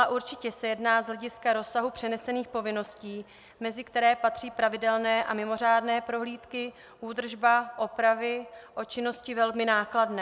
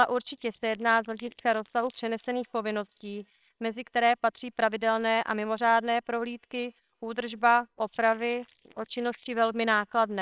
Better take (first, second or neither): first